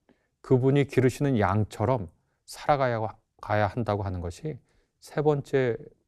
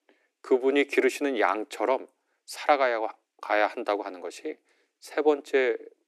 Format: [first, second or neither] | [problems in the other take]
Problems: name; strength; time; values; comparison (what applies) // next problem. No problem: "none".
first | thin; somewhat; fading below 300 Hz